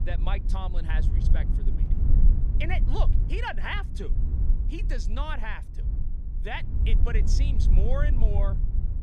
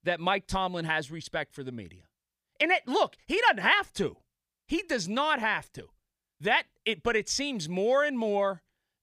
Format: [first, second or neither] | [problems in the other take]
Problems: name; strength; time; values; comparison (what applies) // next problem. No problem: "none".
second | low rumble; loud; throughout; 9 dB below the speech